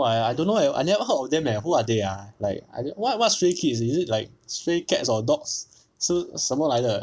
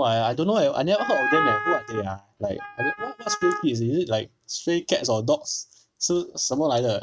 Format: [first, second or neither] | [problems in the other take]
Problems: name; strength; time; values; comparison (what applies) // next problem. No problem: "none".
first | noise reduction (neural mask model RNNoise)